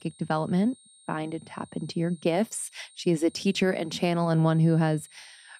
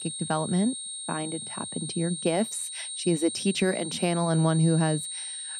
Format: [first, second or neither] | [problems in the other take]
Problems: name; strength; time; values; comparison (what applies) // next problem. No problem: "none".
first | high-pitched whine; loud; throughout; 8.5 kHz, 6 dB below the speech; faint in the first